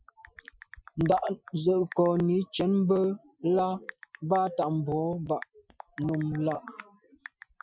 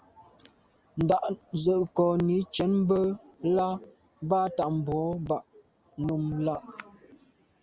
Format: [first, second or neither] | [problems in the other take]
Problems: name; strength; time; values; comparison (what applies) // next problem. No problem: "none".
second | noise reduction (classical method Wiener filter)